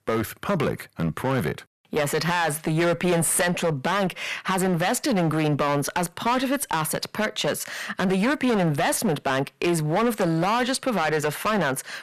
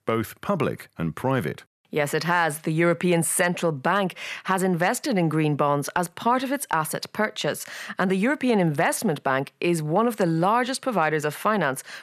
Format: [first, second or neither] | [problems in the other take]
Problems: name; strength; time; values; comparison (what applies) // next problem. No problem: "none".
second | distortion; heavy; 14% of the sound clipped